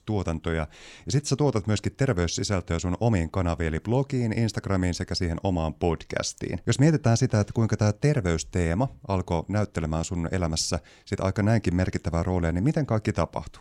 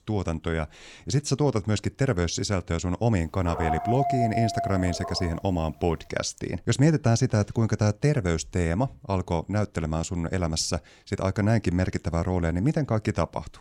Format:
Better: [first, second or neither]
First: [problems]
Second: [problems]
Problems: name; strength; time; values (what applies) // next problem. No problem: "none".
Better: first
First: none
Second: dog barking; noticeable; from 3.5 to 5.5 s; peak 1 dB below the speech